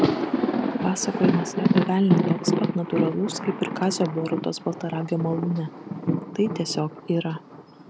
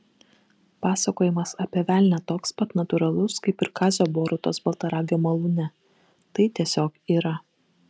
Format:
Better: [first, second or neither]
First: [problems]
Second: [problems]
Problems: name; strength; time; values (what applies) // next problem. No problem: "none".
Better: second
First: background sound (Thunder); as loud as the speech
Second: none